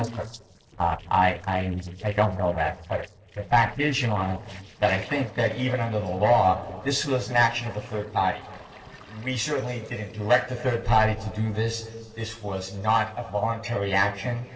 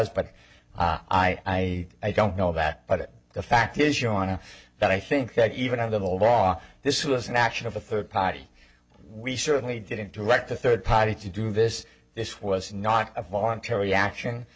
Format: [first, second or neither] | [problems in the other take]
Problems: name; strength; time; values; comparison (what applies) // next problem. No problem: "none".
second | noise reduction (neural separator model SepFormer DNS4)